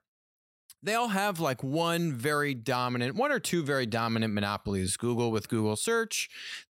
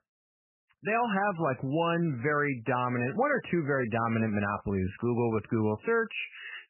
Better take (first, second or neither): first